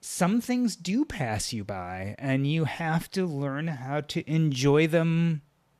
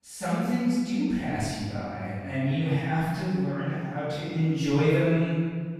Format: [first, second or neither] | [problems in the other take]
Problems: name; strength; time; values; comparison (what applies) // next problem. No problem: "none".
first | off-mic speech; far // room echo; strong; dies away in 1.7 s